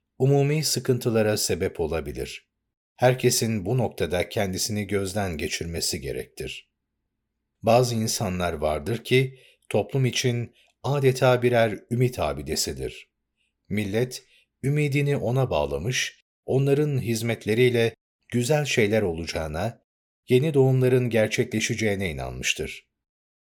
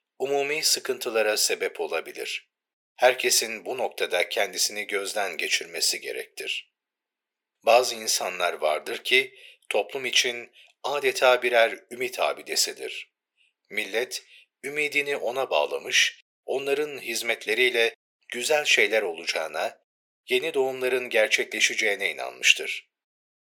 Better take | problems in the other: first | thin; very; fading below 450 Hz

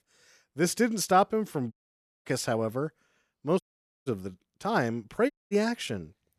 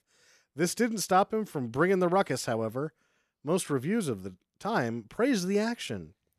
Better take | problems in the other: second | audio cutting out; at 1.5 s for 0.5 s, at 3.5 s and at 5.5 s

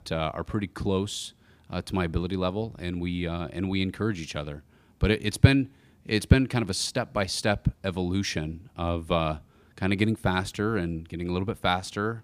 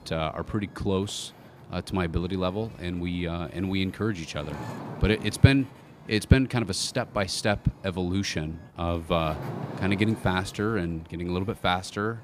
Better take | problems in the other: first | wind noise on the microphone; occasional gusts; 15 dB below the speech

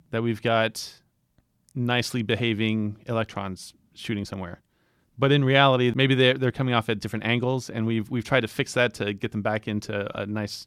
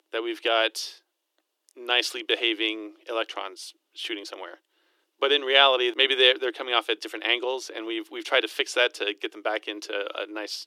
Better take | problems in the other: first | thin; very; fading below 300 Hz

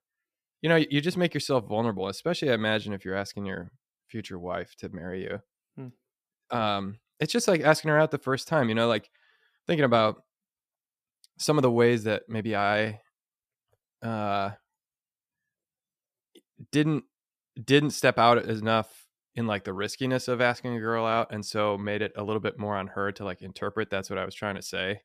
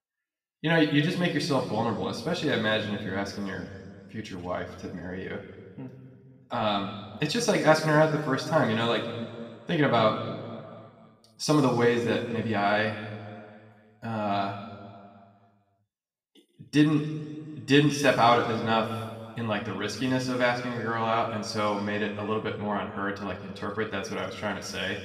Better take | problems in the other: first | room echo; noticeable; dies away in 1.7 s // off-mic speech; far

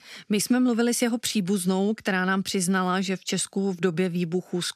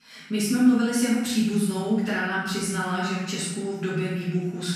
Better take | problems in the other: first | off-mic speech; far // room echo; strong; dies away in 1.1 s

